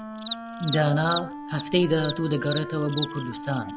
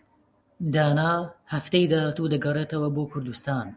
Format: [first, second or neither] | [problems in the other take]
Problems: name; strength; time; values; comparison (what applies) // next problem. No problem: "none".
second | background sound (Wind instrument, woodwind instrument + Cricket); 8 dB below the speech